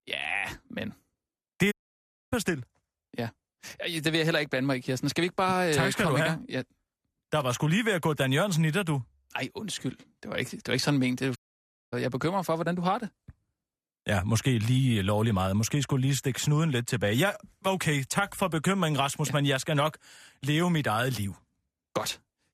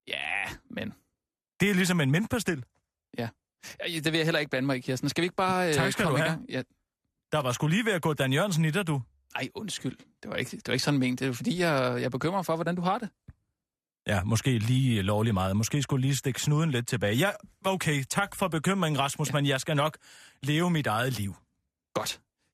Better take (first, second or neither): second